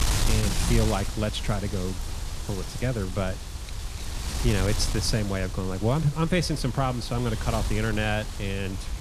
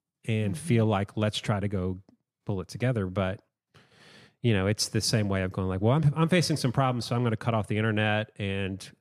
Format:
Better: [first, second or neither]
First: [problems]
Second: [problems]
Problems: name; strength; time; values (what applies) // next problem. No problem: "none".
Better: second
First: wind noise on the microphone; heavy; 6 dB below the speech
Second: none